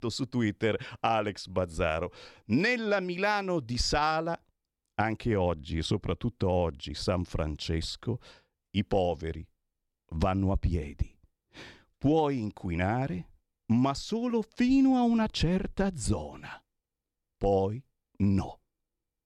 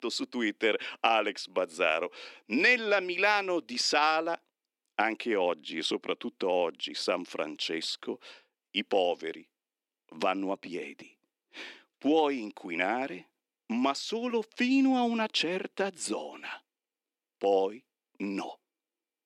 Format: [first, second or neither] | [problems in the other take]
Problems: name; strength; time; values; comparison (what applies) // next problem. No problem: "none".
first | thin; very slightly; fading below 250 Hz